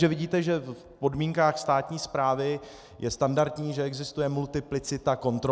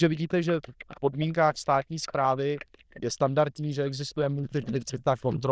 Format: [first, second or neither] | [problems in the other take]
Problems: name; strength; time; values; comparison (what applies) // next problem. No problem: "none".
first | noise reduction (neural diffusion model UNIVERSE++)